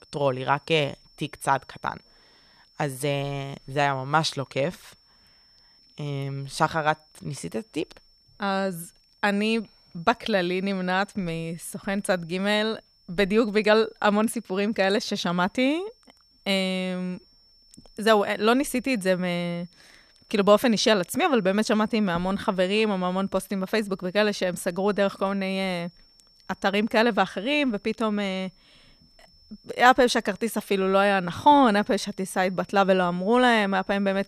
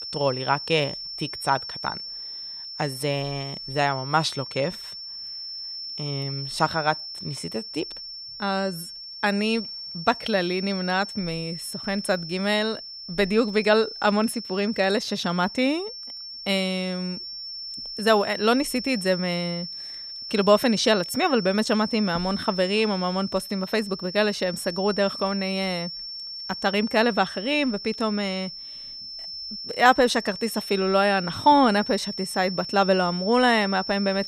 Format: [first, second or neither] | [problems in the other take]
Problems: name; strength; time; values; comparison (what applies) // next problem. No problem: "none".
first | high-pitched whine; loud; throughout; 5.5 kHz, 9 dB below the speech; faint in the first